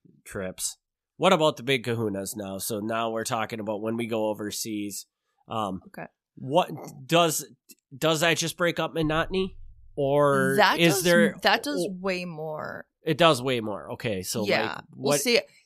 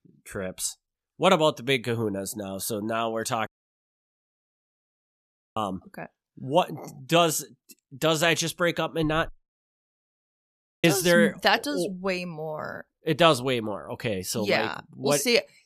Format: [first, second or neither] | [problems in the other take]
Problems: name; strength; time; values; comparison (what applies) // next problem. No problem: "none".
first | audio cutting out; at 3.5 s for 2 s and at 9.5 s for 1.5 s